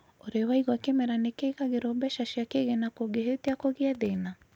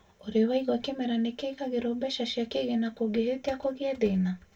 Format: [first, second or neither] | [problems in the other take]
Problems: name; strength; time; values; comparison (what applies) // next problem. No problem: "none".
first | room echo; dies away in 0.1 s